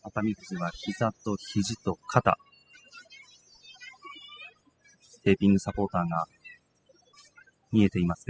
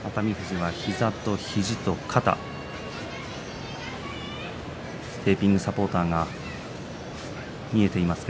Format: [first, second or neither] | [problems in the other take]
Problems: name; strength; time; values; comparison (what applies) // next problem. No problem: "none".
second | noise reduction (classical method spectral subtraction)